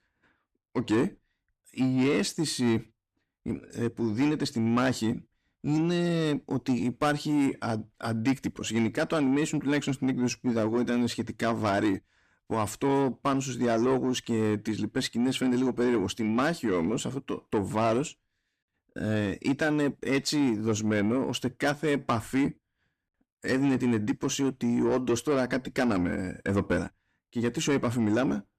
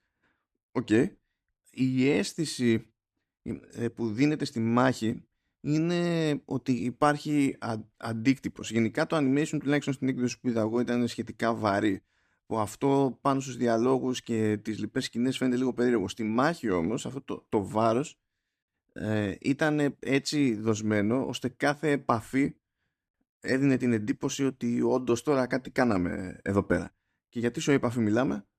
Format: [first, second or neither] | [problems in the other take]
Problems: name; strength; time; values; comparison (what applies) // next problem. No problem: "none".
second | distortion; slight; 10 dB below the speech